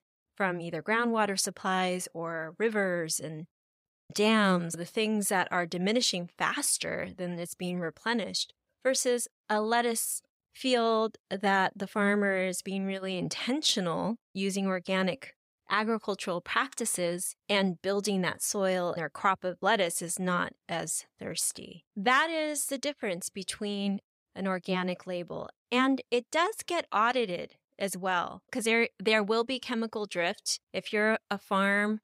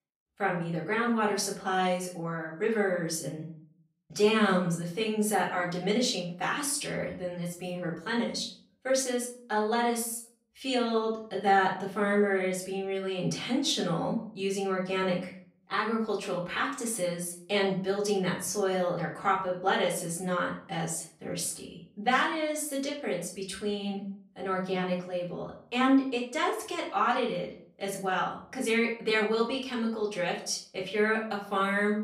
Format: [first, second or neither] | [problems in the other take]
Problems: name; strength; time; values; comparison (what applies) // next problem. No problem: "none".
first | off-mic speech; far // room echo; slight; dies away in 0.4 s